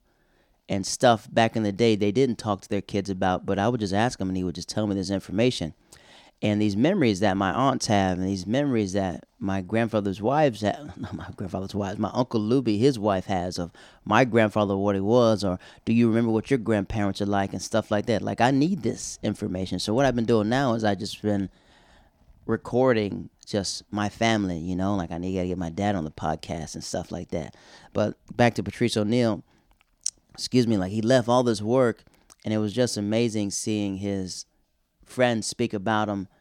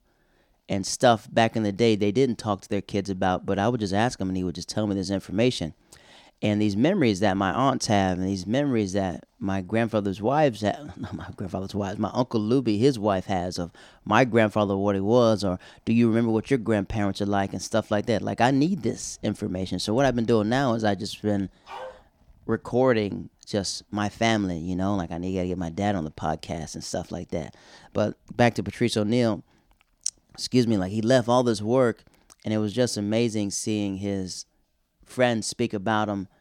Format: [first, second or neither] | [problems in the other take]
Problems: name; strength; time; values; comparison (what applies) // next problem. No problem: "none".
first | dog barking; faint; at 22 s; peak 15 dB below the speech